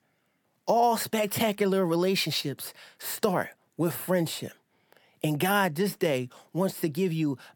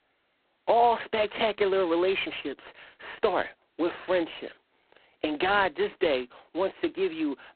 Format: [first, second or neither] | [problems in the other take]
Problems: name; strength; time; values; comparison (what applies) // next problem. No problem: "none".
first | phone-call audio; poor line; nothing above 4 kHz